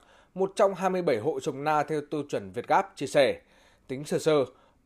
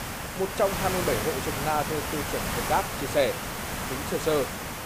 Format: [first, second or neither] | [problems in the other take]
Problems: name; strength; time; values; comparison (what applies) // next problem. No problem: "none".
first | hiss; loud; throughout; 2 dB below the speech